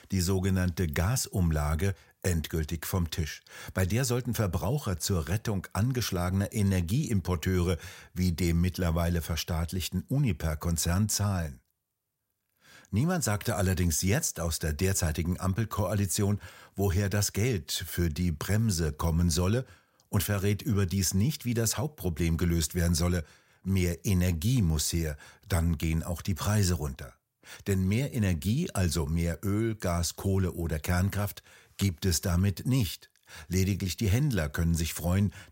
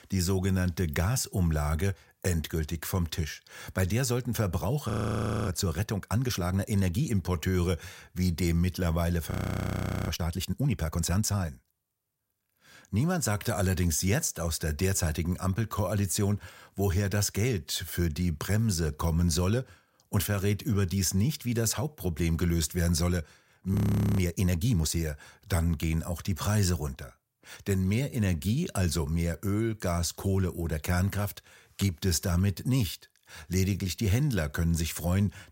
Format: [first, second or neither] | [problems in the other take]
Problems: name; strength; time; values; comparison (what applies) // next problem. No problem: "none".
first | audio freezing; at 5 s for 0.5 s, at 9.5 s for 1 s and at 24 s